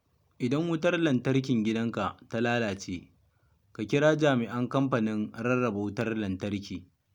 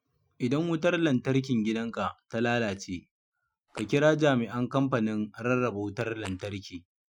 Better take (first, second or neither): first